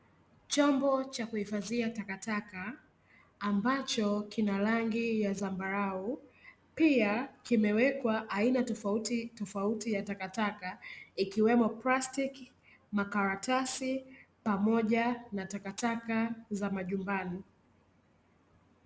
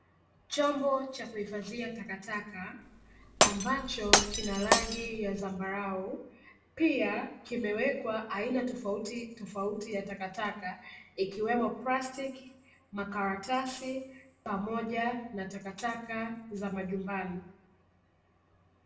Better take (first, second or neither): first